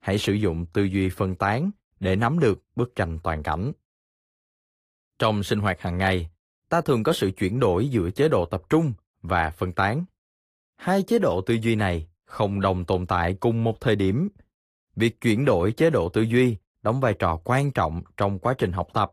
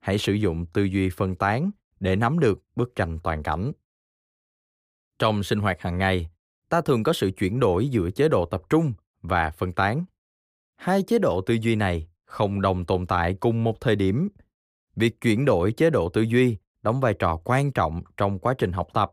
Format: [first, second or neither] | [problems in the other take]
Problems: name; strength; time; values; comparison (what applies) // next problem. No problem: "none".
second | garbled, watery; slightly; nothing above 15.5 kHz